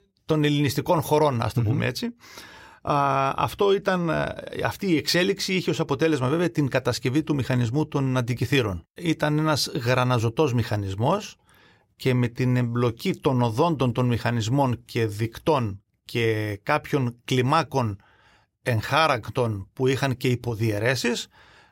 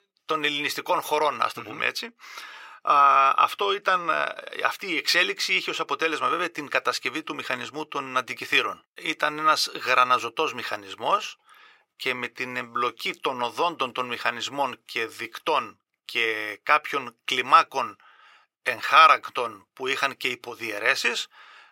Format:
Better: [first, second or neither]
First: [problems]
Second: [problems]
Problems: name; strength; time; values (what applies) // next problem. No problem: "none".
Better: first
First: none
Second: thin; very; fading below 500 Hz